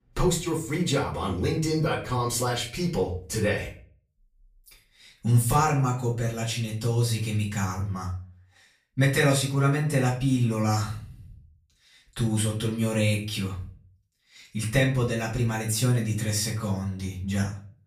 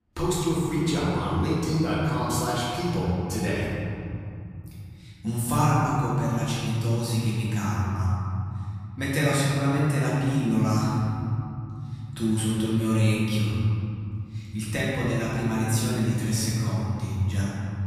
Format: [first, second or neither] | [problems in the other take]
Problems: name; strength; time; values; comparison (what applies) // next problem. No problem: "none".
first | room echo; strong; dies away in 3 s; slight in the first // off-mic speech; far; far in the first